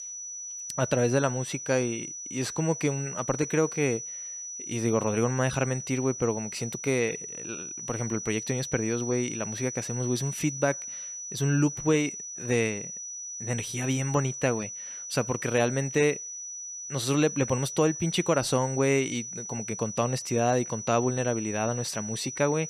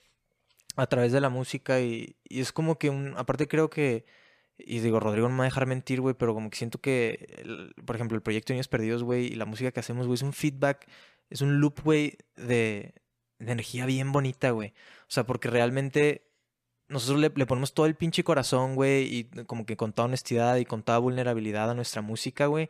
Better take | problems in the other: second | high-pitched whine; loud; throughout; 6 kHz, 7 dB below the speech

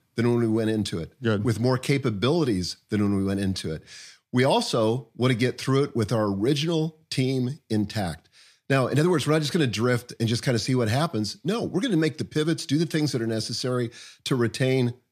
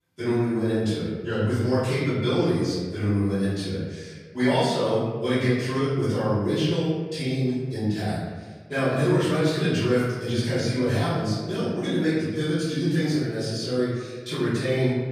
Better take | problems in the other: first | room echo; strong; dies away in 1.3 s // off-mic speech; far

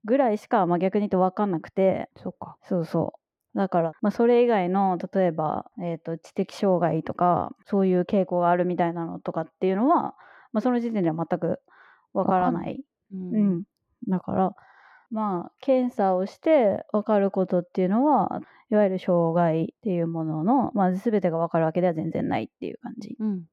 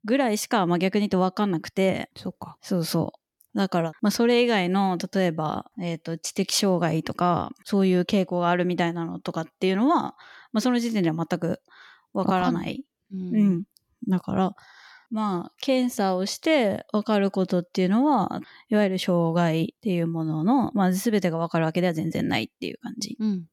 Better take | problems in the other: second | muffled; very; fading above 3 kHz

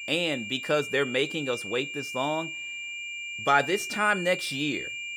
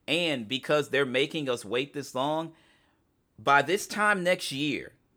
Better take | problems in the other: second | high-pitched whine; loud; throughout; 2.5 kHz, 6 dB below the speech

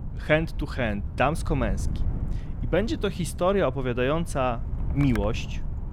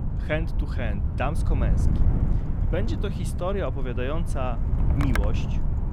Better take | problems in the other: first | wind noise on the microphone; heavy; 6 dB below the speech; occasional gusts in the first

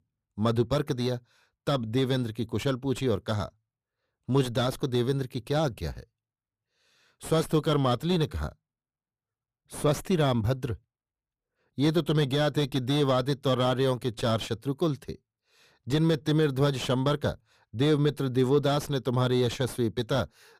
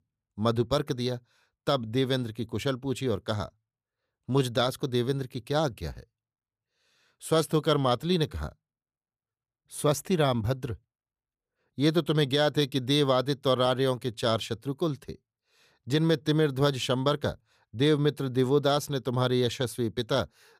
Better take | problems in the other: second | distortion; slight; 10 dB below the speech

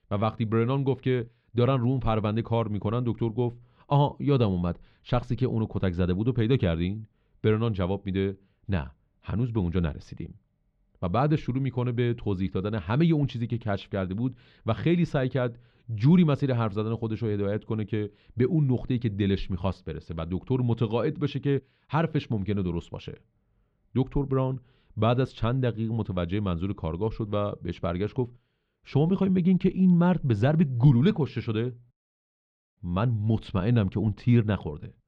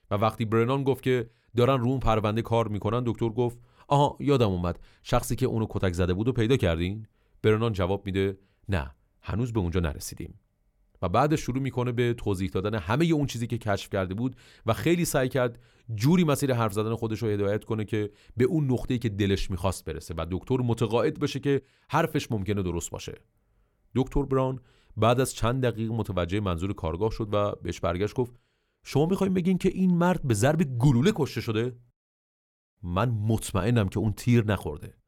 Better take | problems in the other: second | muffled; slightly; fading above 4 kHz

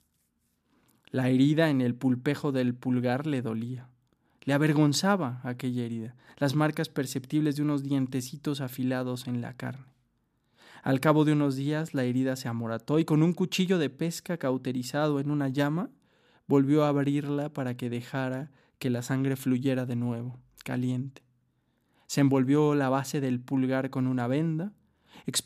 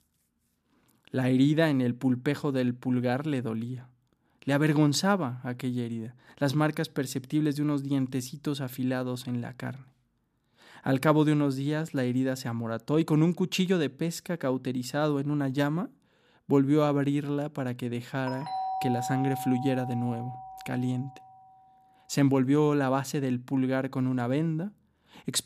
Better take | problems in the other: first | doorbell; noticeable; from 18 to 21 s; peak 4 dB below the speech

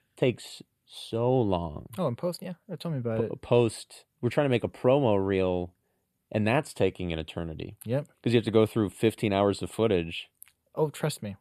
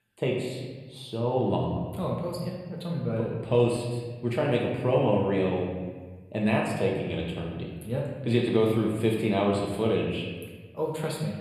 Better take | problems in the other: first | room echo; noticeable; dies away in 1.3 s // off-mic speech; somewhat distant

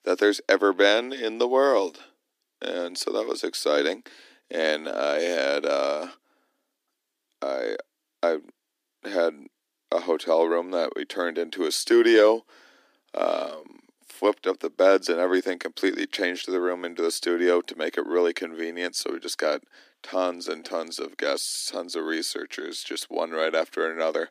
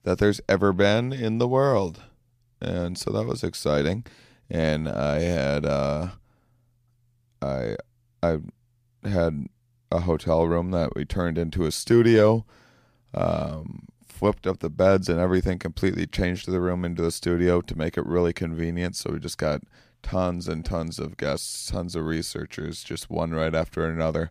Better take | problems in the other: second | thin; somewhat; fading below 300 Hz

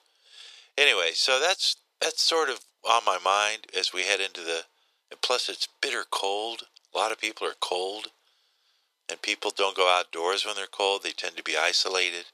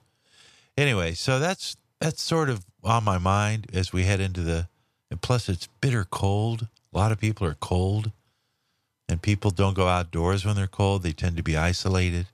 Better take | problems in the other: second | thin; very; fading below 400 Hz

